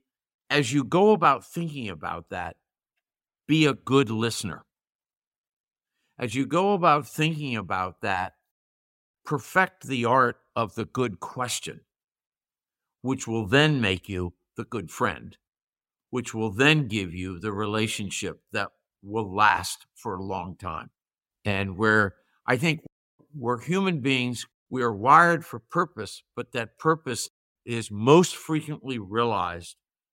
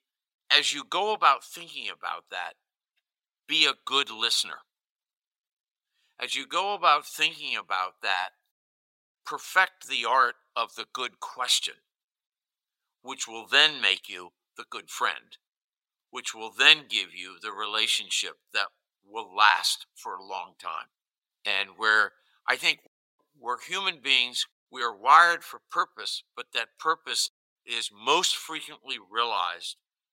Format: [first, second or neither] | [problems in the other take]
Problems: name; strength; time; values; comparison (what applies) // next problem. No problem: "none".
first | thin; very; fading below 900 Hz